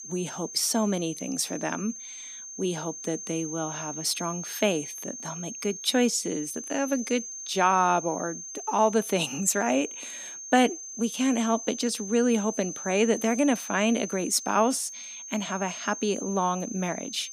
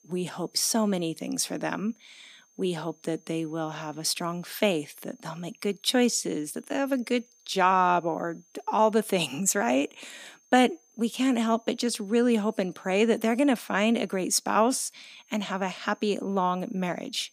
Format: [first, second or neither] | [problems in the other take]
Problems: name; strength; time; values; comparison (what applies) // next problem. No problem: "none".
second | high-pitched whine; loud; throughout; 6.5 kHz, 9 dB below the speech; faint in the second